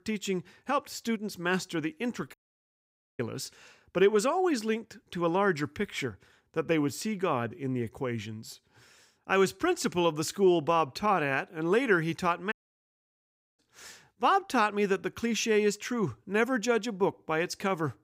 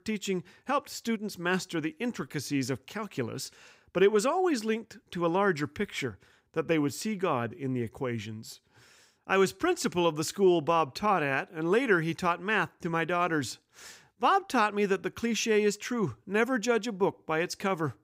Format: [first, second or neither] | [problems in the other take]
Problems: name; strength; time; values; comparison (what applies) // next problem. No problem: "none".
second | audio cutting out; at 2.5 s for 1 s and at 13 s for 1 s